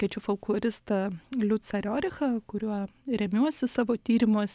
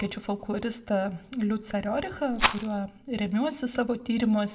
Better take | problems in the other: first | background sound (Rattle); 1 dB below the speech // room echo; dies away in 0.3 s

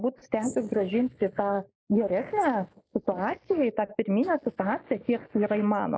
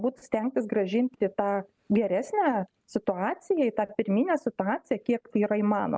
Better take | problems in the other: second | noise reduction (neural mask model Resemble Enhance denoiser)

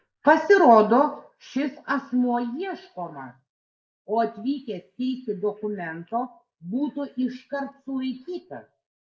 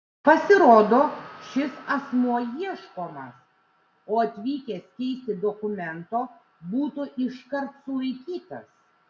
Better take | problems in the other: second | noise reduction (neural mask model Resemble Enhance denoiser)

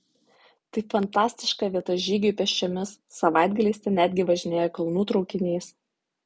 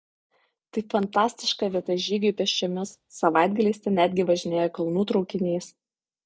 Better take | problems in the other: first | noise reduction (neural mask model DeepFilterNet 3)

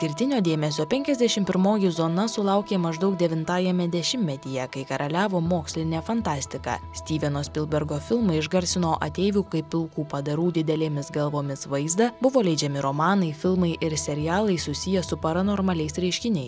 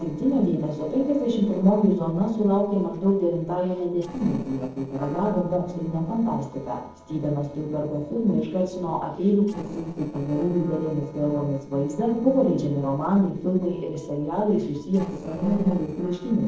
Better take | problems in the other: first | noise reduction (neural separator model SepFormer DNS4)

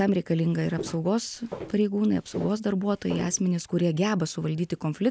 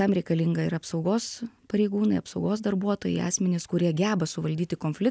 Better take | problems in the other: second | background sound (Walk, footsteps); 15 dB below the speech

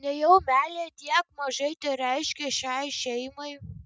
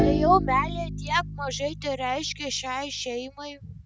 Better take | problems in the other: first | background sound (Bowed string instrument); 3 dB below the speech

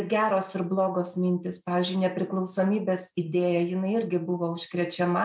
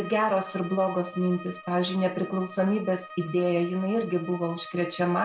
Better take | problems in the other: first | background sound (Bowed string instrument); 16 dB below the speech

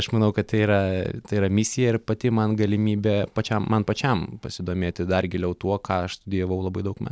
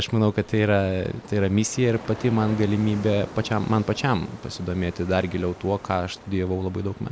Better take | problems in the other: first | background sound (Ocean); 17 dB below the speech

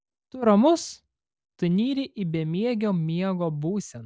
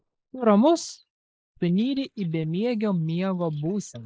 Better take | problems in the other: first | noise reduction (neural mask model Resemble Enhance denoiser)

